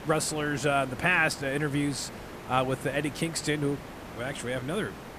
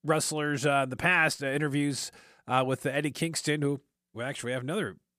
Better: second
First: hiss; noticeable; throughout; 15 dB below the speech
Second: none

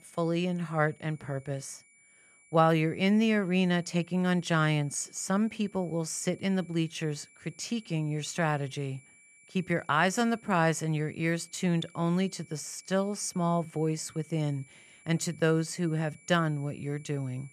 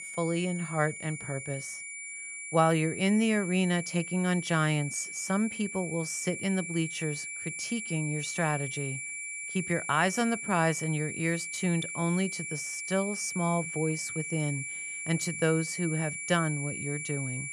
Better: first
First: high-pitched whine; faint; throughout; 2.5 kHz, 25 dB below the speech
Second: high-pitched whine; loud; throughout; 2.5 kHz, 6 dB below the speech

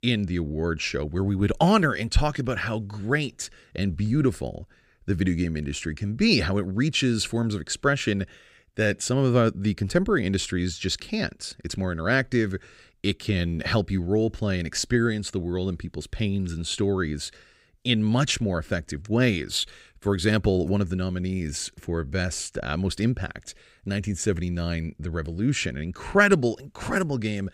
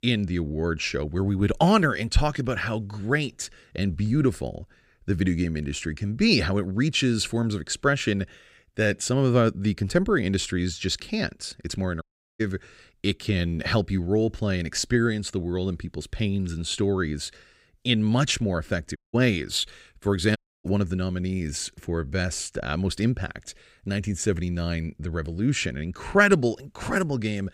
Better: first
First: none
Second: audio cutting out; at 12 s, at 19 s and at 20 s

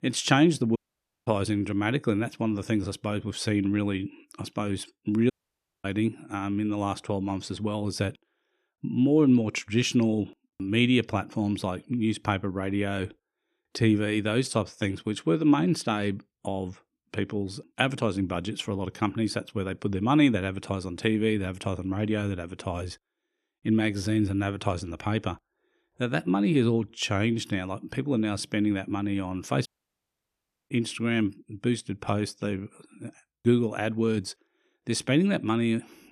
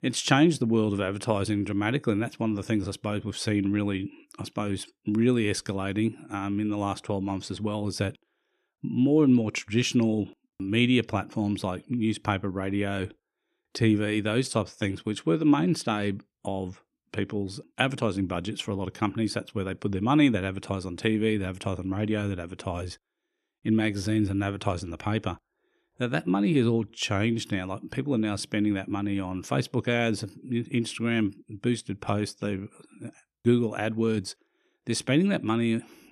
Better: second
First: audio cutting out; at 1 s for 0.5 s, at 5.5 s for 0.5 s and at 30 s for 1 s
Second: none

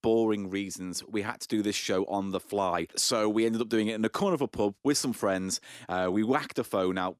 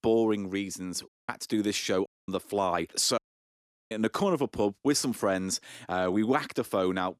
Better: first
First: none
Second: audio cutting out; at 1 s, at 2 s and at 3 s for 0.5 s

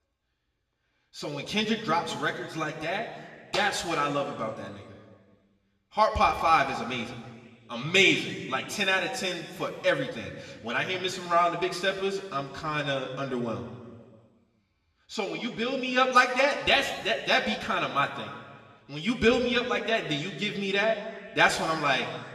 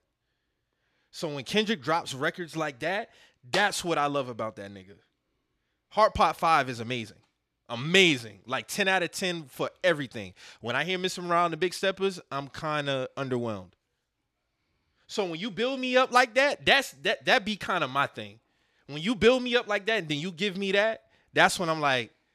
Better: second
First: room echo; slight; dies away in 1.5 s // off-mic speech; somewhat distant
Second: none

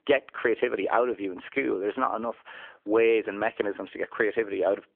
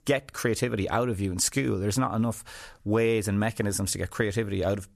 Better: second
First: phone-call audio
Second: none

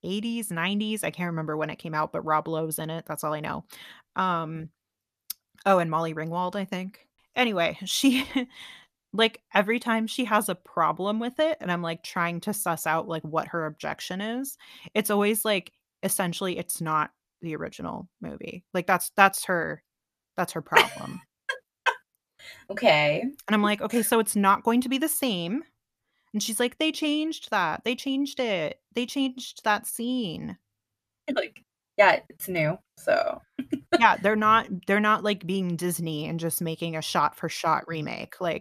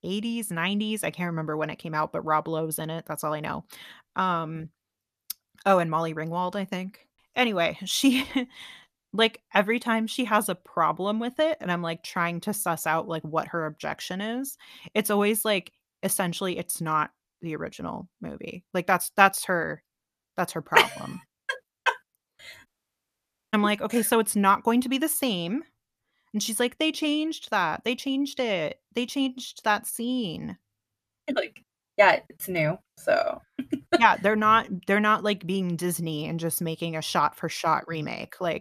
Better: first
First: none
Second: audio cutting out; at 23 s for 1 s

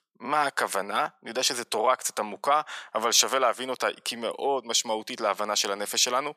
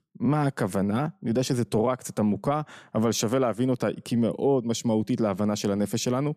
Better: second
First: thin; very; fading below 950 Hz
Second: none

